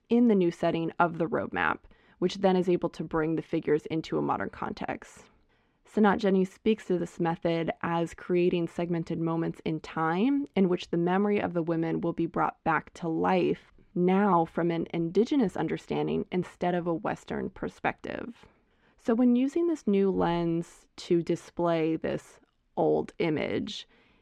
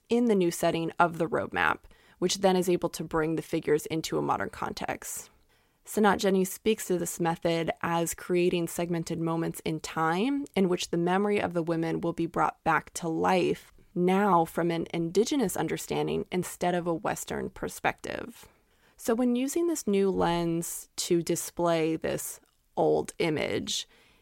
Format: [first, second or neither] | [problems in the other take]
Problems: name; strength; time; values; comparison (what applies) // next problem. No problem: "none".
second | muffled; slightly; fading above 3 kHz